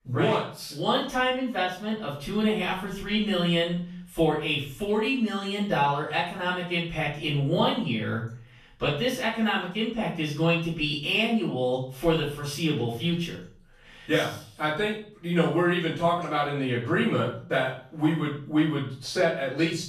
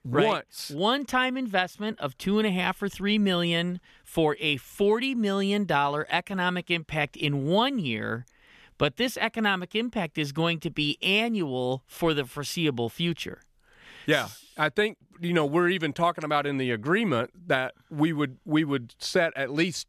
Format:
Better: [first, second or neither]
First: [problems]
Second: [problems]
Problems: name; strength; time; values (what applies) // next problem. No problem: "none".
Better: second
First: off-mic speech; far // room echo; noticeable; dies away in 0.4 s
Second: none